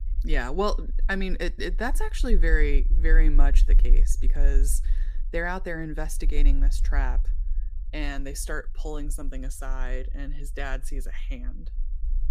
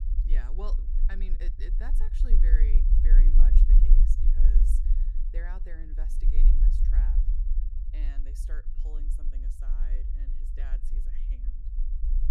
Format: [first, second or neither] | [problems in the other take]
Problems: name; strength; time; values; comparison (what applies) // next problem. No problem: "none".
first | low rumble; loud; throughout; 2 dB below the speech; faint in the first